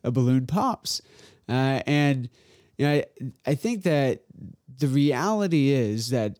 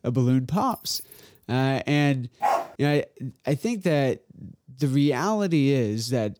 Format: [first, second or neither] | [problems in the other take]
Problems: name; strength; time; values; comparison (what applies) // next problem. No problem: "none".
first | jangling keys; faint; at 0.5 s; peak 15 dB below the speech // dog barking; noticeable; at 2.5 s; peak 1 dB below the speech